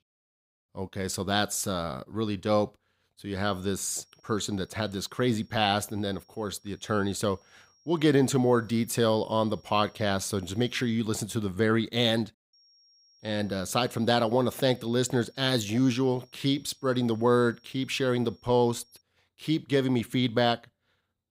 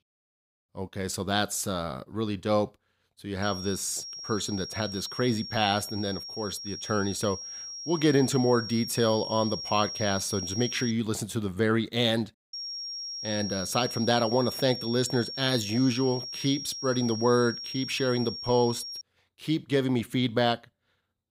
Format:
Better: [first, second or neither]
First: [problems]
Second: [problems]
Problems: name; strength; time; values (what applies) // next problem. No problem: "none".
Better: first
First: high-pitched whine; faint; from 3.5 to 11 s and from 13 to 19 s; 5.5 kHz, 35 dB below the speech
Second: high-pitched whine; loud; from 3.5 to 11 s and from 13 to 19 s; 5.5 kHz, 7 dB below the speech